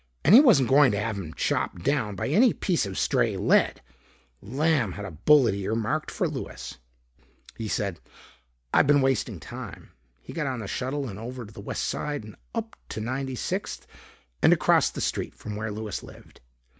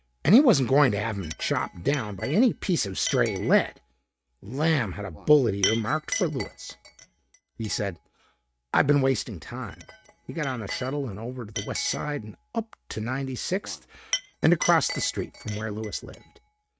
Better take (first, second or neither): first